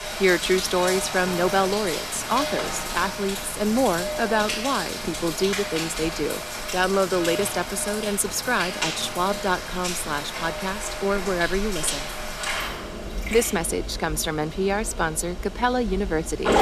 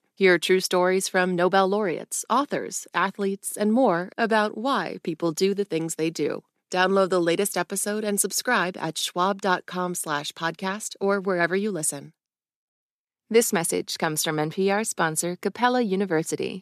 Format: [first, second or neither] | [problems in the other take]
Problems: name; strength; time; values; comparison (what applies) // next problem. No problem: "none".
second | rain or running water; loud; throughout; 5 dB below the speech